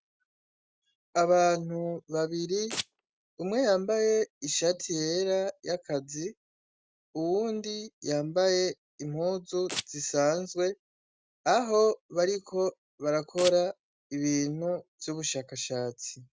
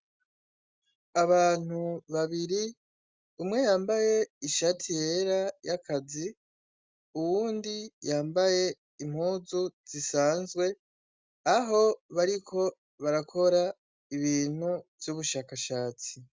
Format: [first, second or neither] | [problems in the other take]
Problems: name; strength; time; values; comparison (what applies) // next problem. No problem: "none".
second | background sound (Domestic sounds, home sounds); 9 dB below the speech